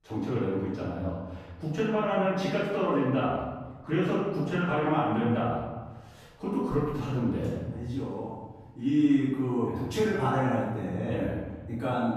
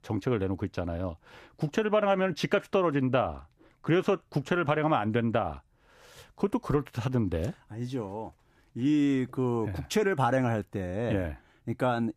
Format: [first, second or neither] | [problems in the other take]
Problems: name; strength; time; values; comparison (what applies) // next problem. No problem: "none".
second | room echo; strong; dies away in 1.2 s // off-mic speech; far